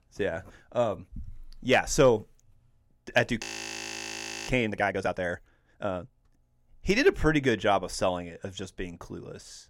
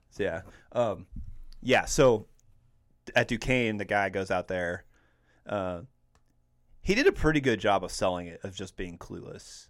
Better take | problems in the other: second | audio freezing; at 3.5 s for 1 s

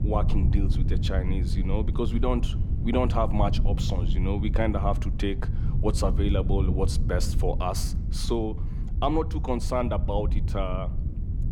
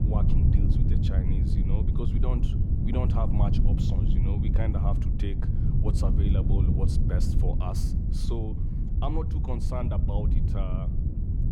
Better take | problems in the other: first | wind noise on the microphone; heavy; as loud as the speech; occasional gusts in the first

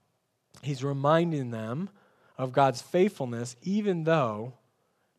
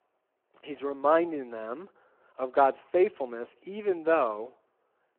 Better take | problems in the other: first | phone-call audio

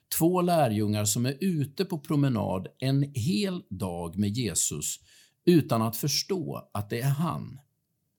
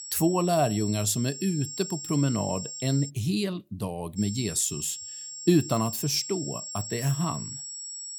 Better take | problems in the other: first | high-pitched whine; loud; until 3 s and from 4 s on; 7.5 kHz, 8 dB below the speech

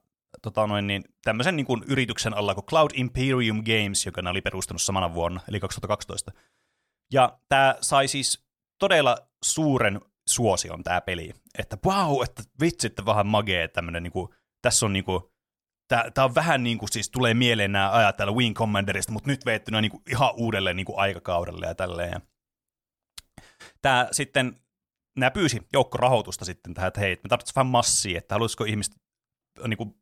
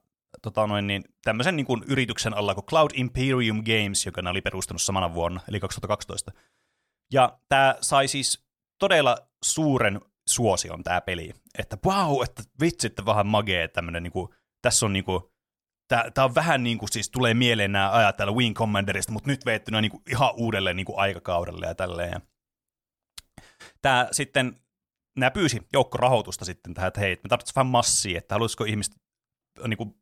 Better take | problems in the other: neither | none

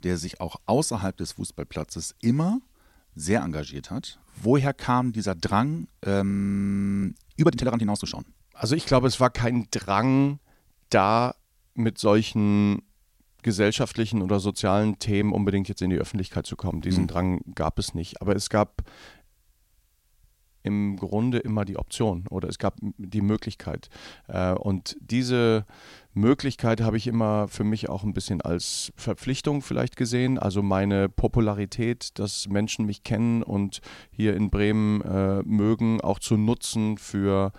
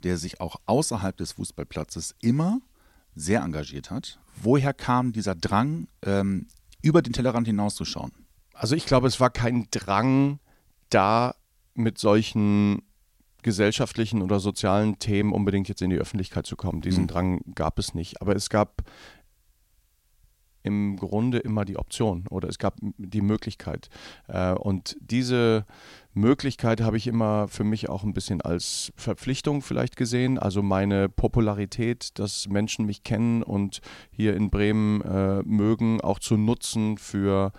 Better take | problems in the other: second | audio freezing; at 6.5 s for 0.5 s

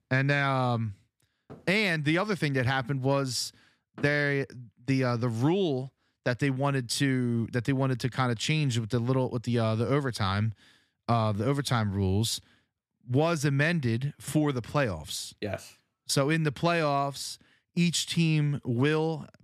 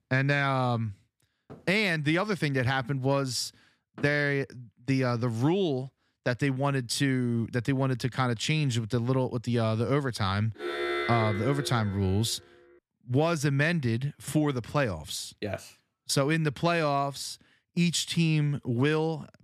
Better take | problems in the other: first | alarm; noticeable; from 11 to 12 s; peak 1 dB below the speech

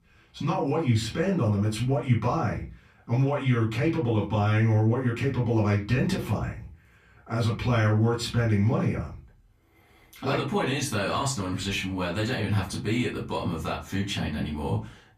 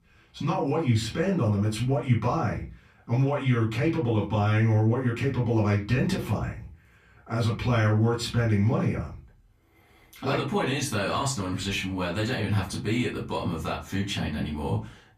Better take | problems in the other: neither | off-mic speech; far; the same in both // room echo; slight; dies away in 0.3 s; the same in both

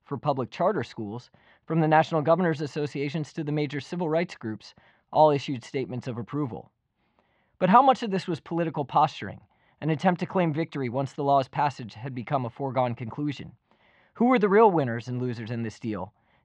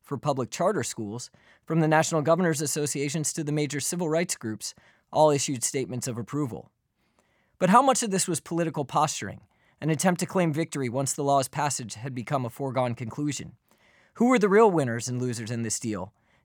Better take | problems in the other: second | muffled; very; fading above 3.5 kHz

